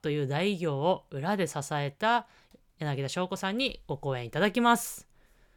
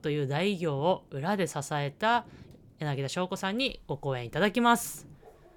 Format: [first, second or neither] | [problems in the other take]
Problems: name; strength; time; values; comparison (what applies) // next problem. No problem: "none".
first | rain or running water; faint; throughout; 25 dB below the speech